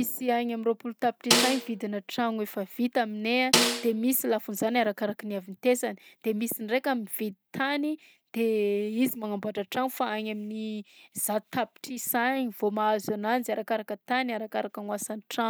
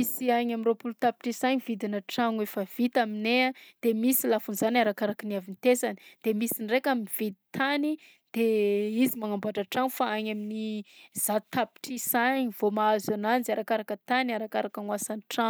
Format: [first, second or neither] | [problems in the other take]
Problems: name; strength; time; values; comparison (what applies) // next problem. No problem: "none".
second | background sound (Snare drum); 1 dB above the speech